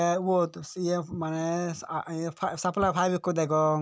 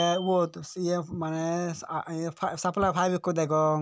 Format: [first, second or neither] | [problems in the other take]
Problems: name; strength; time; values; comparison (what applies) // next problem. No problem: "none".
first | background sound (Bicycle bell); 20 dB below the speech